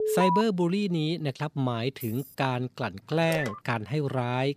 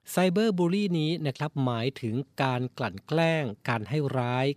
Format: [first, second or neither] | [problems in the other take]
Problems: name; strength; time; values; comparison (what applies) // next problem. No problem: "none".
second | alarm; loud; at the start; peak 3 dB above the speech // jangling keys; faint; at 2 s; peak 15 dB below the speech // phone ringing; noticeable; at 3 s; peak 7 dB below the speech